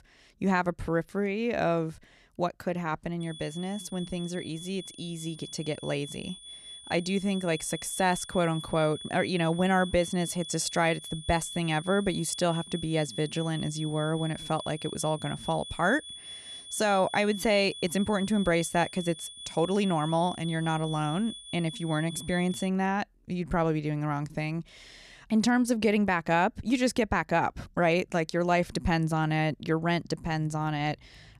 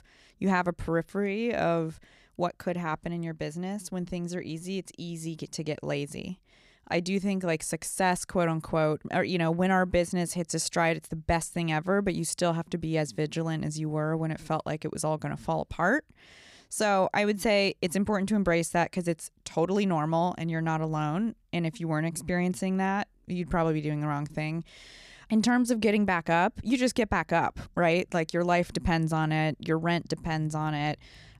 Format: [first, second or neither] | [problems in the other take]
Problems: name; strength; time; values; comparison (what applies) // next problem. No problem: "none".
second | high-pitched whine; noticeable; from 3 to 23 s; 3.5 kHz, 10 dB below the speech